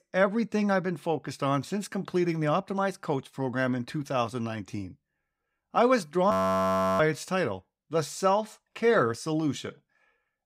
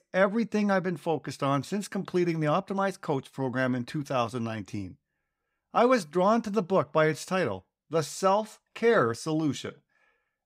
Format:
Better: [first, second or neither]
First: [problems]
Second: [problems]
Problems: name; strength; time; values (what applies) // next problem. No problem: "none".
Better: second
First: audio freezing; at 6.5 s for 0.5 s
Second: none